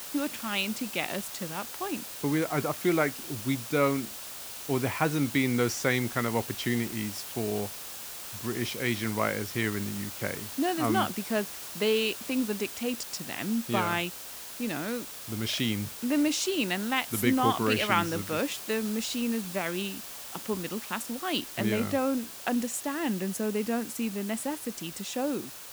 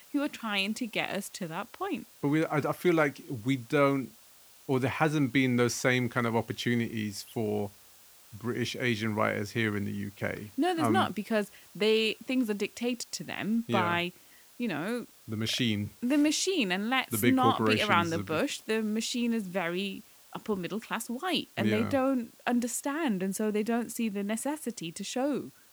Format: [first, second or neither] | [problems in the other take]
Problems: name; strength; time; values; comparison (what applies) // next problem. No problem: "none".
second | hiss; loud; throughout; 8 dB below the speech; faint in the second